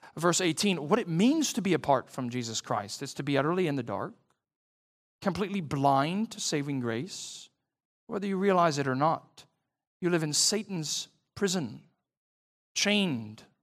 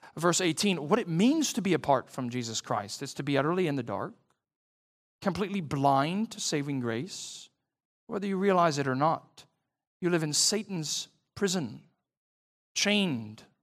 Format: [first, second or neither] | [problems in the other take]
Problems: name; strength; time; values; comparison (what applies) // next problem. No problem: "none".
neither | none